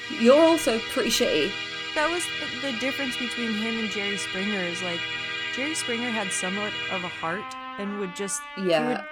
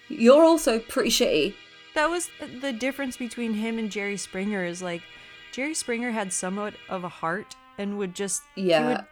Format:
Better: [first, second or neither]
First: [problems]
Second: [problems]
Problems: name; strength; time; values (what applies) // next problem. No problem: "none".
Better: second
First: background music; loud; throughout; 3 dB below the speech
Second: background music; faint; throughout; 20 dB below the speech